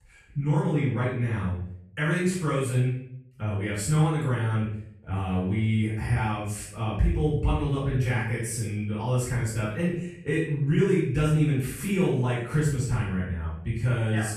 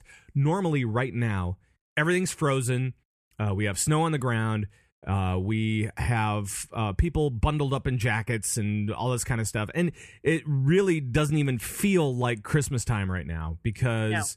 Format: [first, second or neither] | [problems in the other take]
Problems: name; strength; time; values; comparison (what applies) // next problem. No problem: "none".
second | room echo; noticeable; dies away in 0.6 s // off-mic speech; far